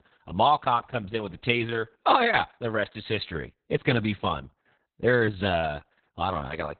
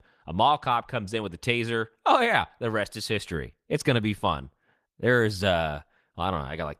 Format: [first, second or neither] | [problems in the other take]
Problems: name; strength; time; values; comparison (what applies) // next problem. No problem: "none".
second | garbled, watery; badly; nothing above 4 kHz; slightly in the second